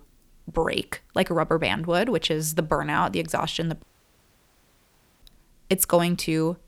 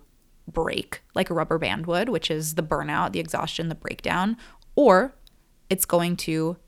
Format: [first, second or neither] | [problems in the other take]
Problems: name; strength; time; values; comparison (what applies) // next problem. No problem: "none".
second | audio cutting out; at 4 s for 1.5 s